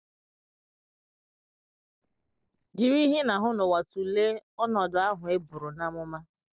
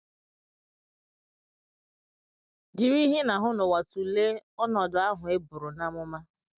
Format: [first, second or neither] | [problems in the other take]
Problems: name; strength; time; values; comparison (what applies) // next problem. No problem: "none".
second | noise reduction (neural separator model SepFormer DNS4)